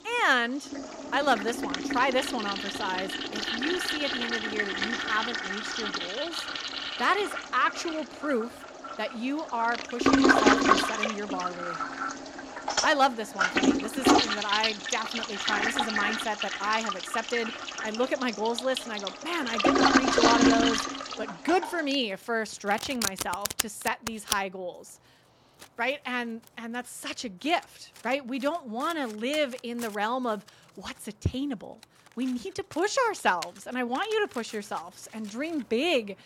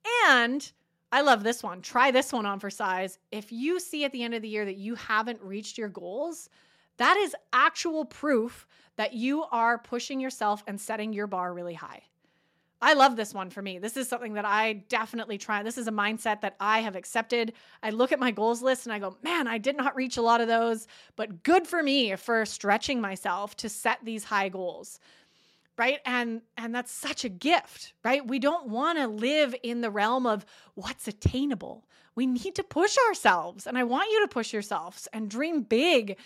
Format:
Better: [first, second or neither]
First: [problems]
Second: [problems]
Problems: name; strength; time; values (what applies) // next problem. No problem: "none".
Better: second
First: household noises; very loud; throughout; 2 dB above the speech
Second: none